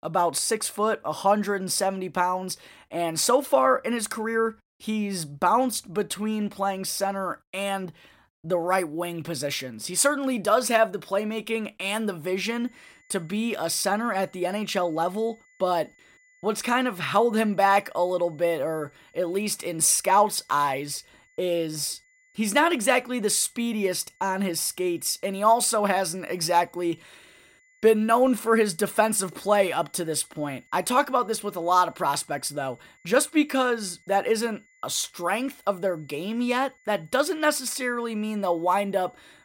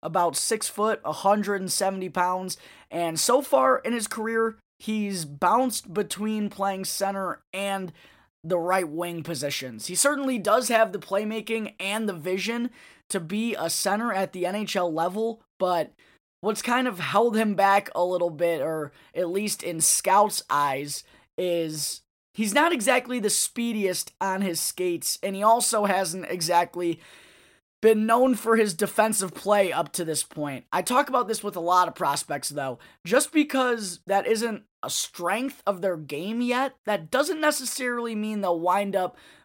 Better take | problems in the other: second | high-pitched whine; faint; from 13 s on; 2 kHz, 35 dB below the speech

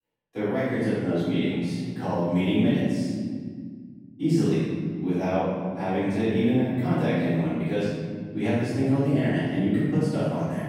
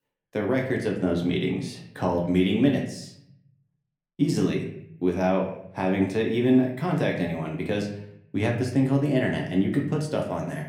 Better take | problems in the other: second | room echo; strong; dies away in 2.1 s; slight in the second // off-mic speech; far; somewhat distant in the second

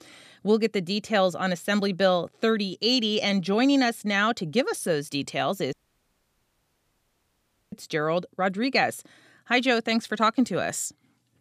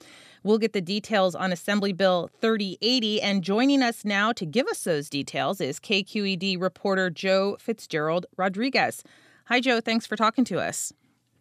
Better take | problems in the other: second | audio cutting out; at 5.5 s for 2 s

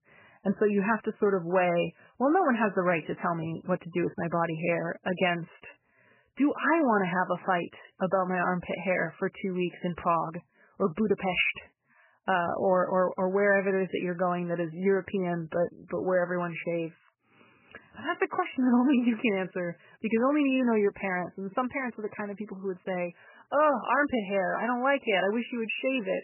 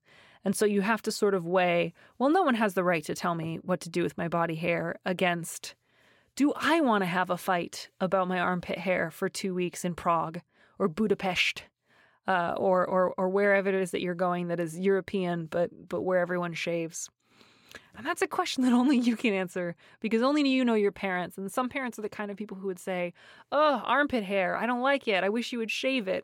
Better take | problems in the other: second | garbled, watery; badly; nothing above 3 kHz

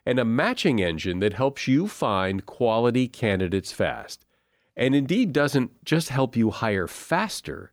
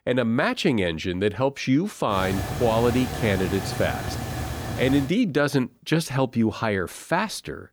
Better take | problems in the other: first | hiss; loud; from 2 to 5 s; 7 dB below the speech

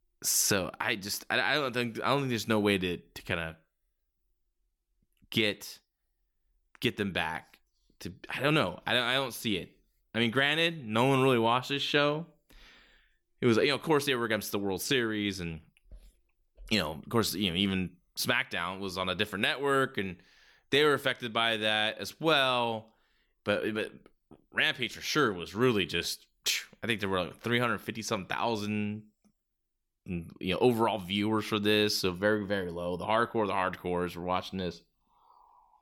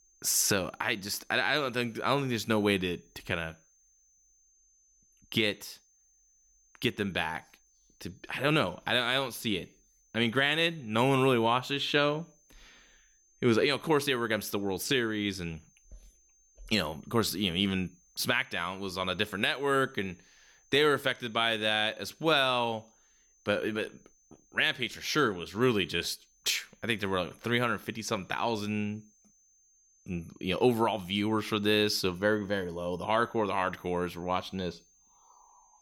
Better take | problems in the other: first | high-pitched whine; faint; throughout; 6.5 kHz, 35 dB below the speech

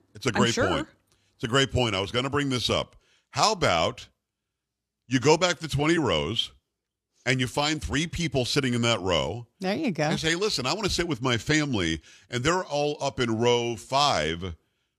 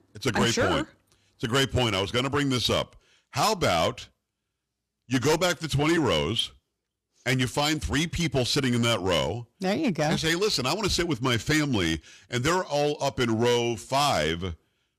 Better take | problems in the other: first | distortion; slight; 6% of the sound clipped

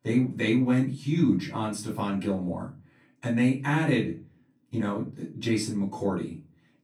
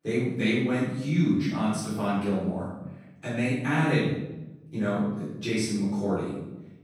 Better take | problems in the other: first | room echo; strong; dies away in 0.9 s; slight in the first // off-mic speech; far; far in the first

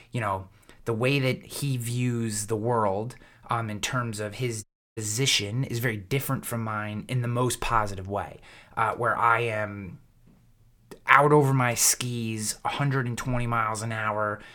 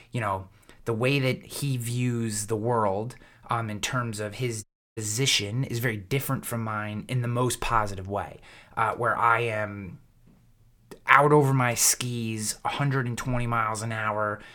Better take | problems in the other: neither | audio cutting out; at 4.5 s; the same in both

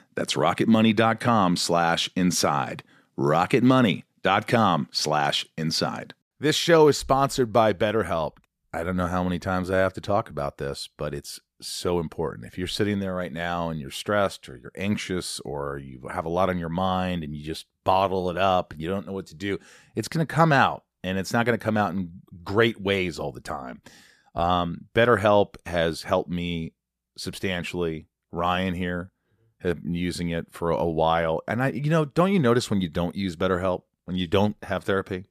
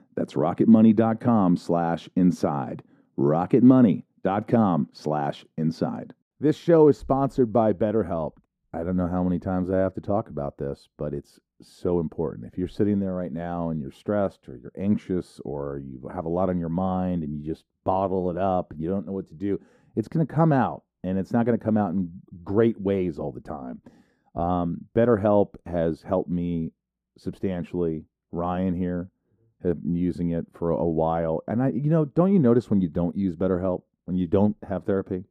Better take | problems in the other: first | muffled; very; fading above 1.5 kHz

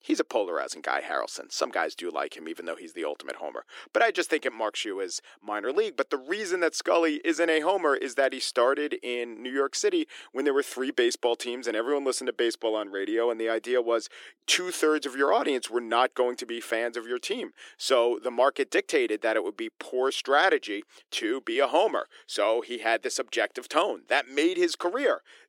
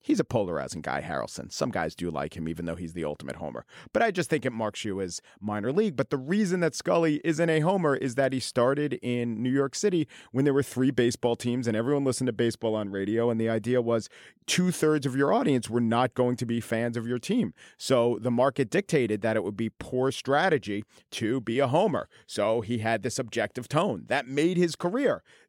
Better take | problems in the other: second | thin; somewhat; fading below 300 Hz

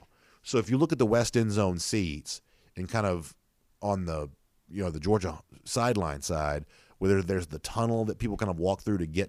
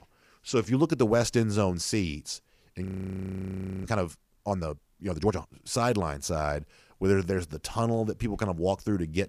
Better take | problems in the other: first | audio freezing; at 3 s for 1 s

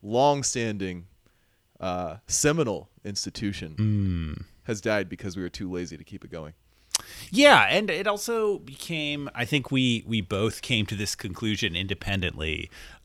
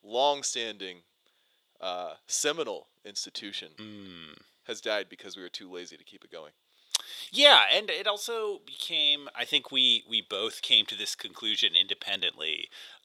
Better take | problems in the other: first | thin; somewhat; fading below 500 Hz

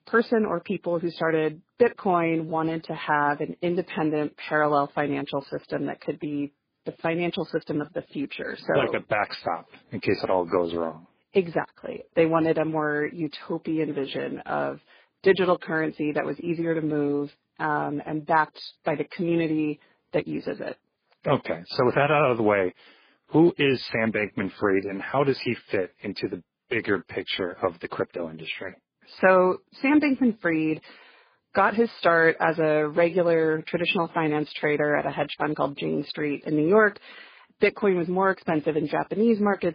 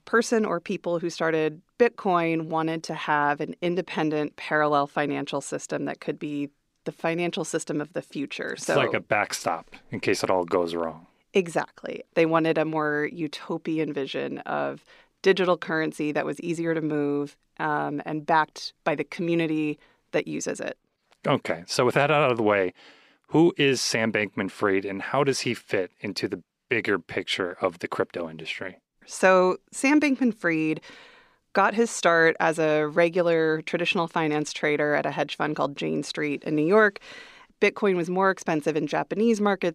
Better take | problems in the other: second | garbled, watery; badly; nothing above 4.5 kHz

